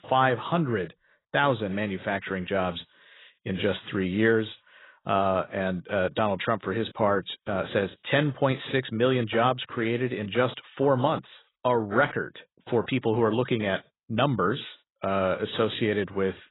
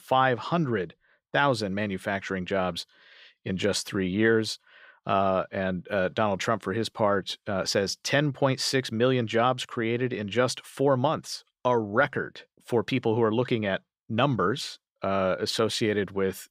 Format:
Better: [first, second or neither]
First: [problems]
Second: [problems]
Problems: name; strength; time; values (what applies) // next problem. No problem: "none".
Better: second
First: garbled, watery; badly; nothing above 4 kHz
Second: none